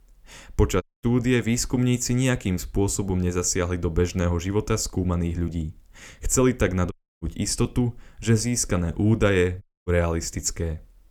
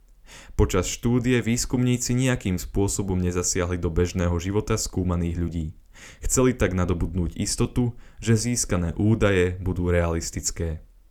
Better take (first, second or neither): second